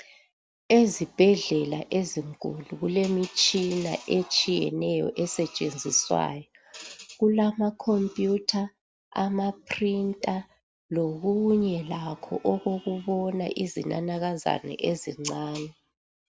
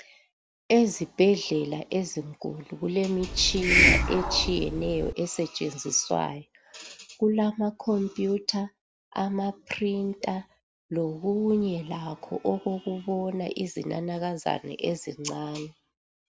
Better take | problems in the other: first | background sound (Hiss); 3 dB above the speech

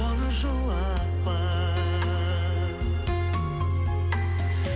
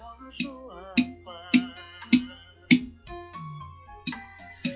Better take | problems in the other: first | noise reduction (classical method log-MMSE)

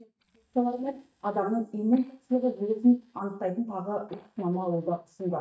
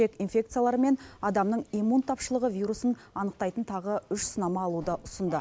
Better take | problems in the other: second | noise reduction (neural mask model DeepFilterNet 3)

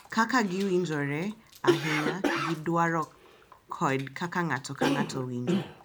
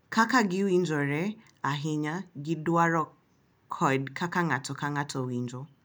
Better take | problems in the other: second | background sound (Cough); 3 dB below the speech

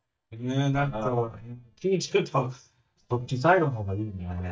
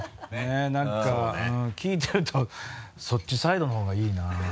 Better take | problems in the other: second | noise reduction (neural mask model DeepFilterNet 3)

